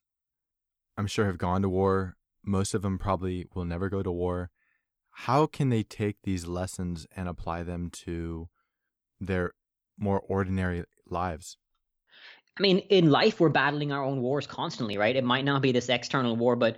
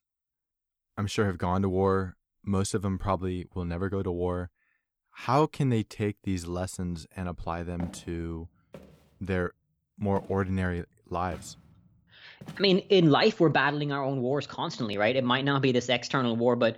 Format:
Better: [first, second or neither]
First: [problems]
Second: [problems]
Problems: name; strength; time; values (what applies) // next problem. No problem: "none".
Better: first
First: none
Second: footsteps; faint; from 8 to 13 s; peak 15 dB below the speech